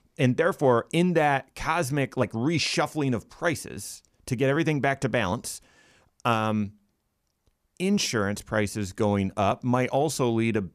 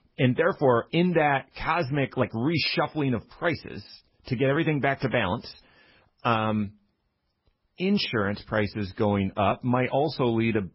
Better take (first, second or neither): first